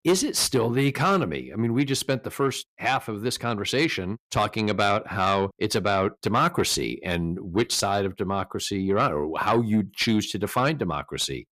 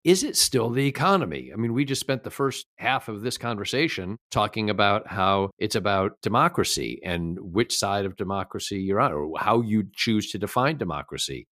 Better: second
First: distortion; slight; 10 dB below the speech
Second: none

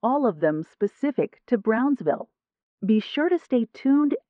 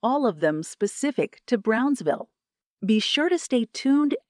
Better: second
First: muffled; very; fading above 1.5 kHz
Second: none

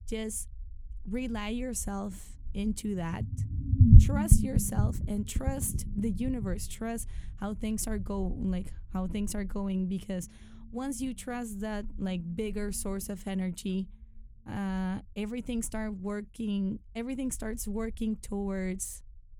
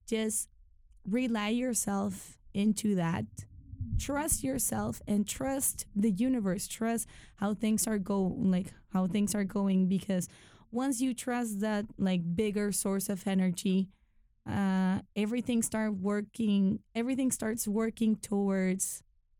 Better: second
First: low rumble; loud; throughout; 1 dB below the speech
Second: low rumble; faint; throughout; 25 dB below the speech

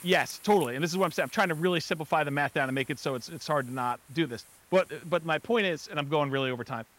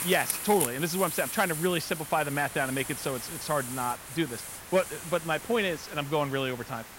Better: first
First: hiss; faint; throughout; 20 dB below the speech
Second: hiss; loud; throughout; 6 dB below the speech

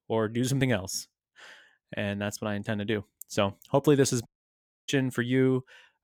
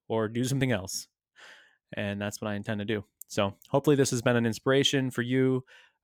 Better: second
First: audio cutting out; at 4.5 s for 0.5 s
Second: none

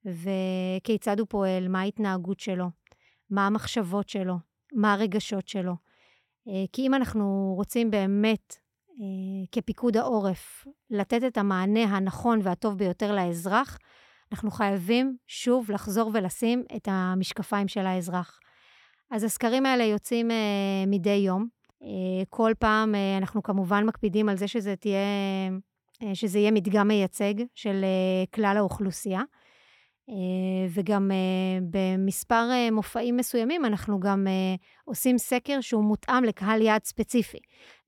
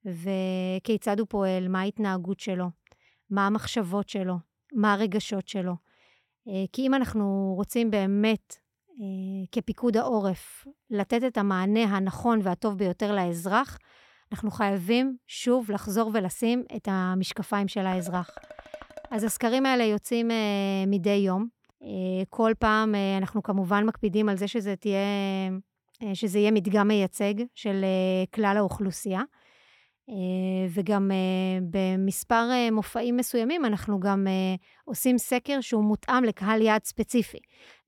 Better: first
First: none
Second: clattering dishes; faint; from 18 to 19 s; peak 15 dB below the speech

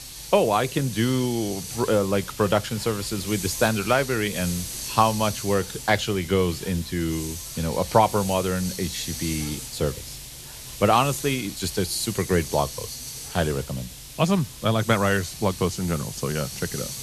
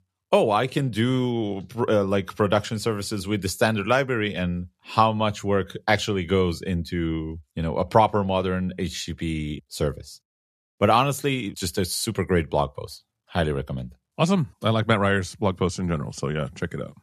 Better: second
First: hiss; loud; throughout; 9 dB below the speech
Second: none

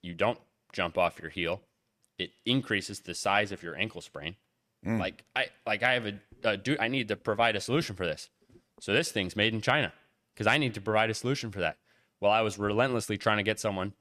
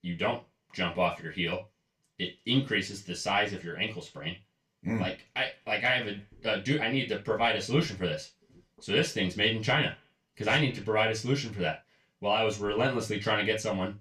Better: first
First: none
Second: room echo; slight; dies away in 0.2 s // off-mic speech; far

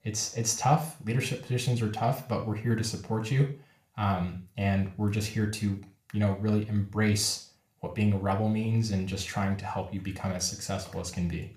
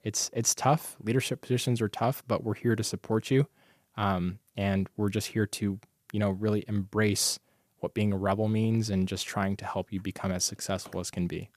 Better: second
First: room echo; slight; dies away in 0.4 s // off-mic speech; somewhat distant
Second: none

